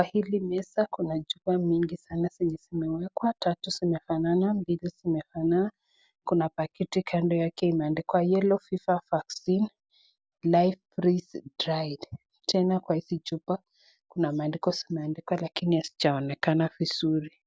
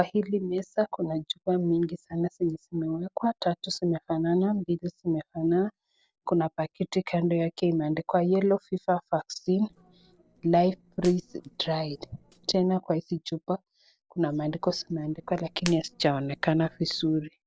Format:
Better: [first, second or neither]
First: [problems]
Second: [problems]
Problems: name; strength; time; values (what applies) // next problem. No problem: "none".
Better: first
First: none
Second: noise reduction (neural separator model SepFormer DNS4)